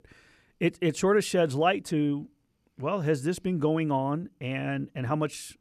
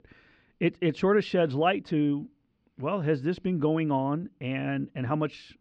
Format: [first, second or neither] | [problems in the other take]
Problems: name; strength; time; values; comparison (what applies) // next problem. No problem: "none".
first | muffled; slightly; fading above 4 kHz